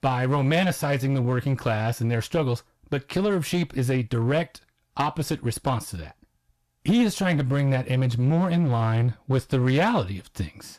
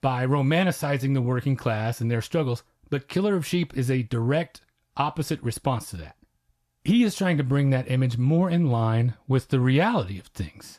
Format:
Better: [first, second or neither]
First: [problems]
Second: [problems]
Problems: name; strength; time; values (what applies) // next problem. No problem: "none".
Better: second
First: distortion; slight; 10% of the sound clipped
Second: none